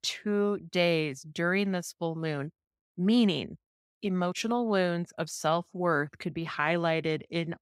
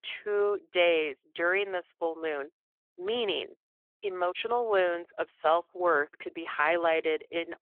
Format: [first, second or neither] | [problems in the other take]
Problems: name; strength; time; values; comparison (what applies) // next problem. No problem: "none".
first | phone-call audio; nothing above 3.5 kHz